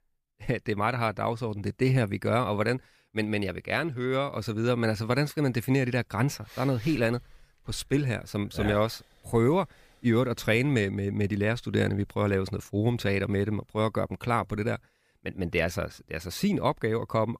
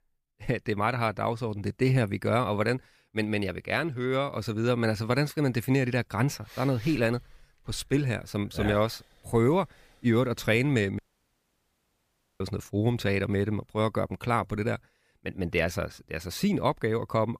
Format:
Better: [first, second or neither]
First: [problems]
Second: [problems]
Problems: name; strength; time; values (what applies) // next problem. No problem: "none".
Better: first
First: none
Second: audio cutting out; at 11 s for 1.5 s